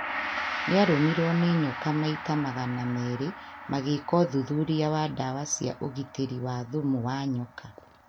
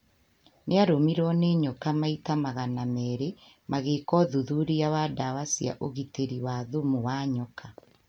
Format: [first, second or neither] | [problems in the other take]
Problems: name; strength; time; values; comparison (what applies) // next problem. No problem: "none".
second | background sound (Gong); 10 dB below the speech